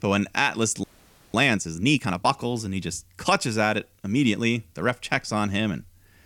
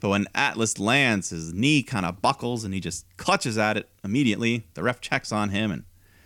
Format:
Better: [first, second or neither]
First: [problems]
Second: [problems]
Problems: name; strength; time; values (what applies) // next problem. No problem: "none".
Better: second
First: audio freezing; at 1 s for 0.5 s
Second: none